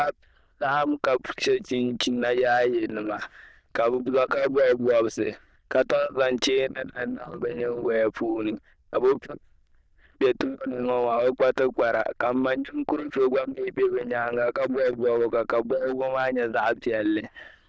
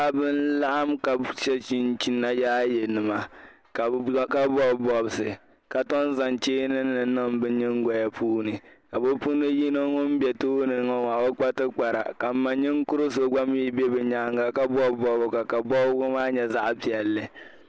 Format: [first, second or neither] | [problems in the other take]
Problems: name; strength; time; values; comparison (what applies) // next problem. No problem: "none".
second | noise reduction (neural diffusion model UNIVERSE++)